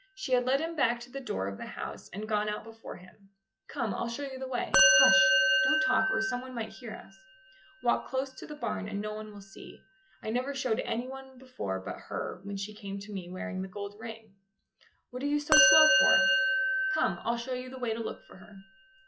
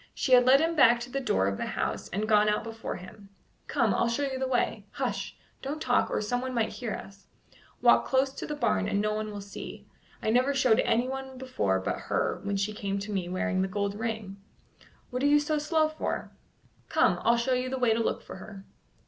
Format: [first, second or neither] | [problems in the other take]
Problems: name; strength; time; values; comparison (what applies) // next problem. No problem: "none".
second | noise reduction (classical method log-MMSE)